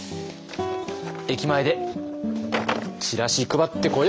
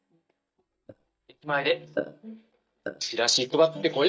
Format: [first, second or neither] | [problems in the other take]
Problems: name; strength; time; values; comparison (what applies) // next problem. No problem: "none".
first | noise reduction (neural mask model DeepFilterNet 3)